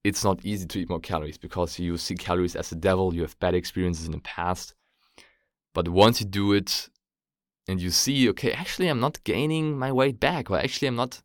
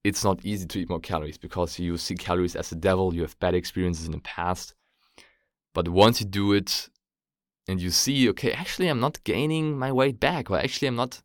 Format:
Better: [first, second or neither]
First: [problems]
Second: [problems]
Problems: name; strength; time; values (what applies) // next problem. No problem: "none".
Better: neither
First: none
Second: none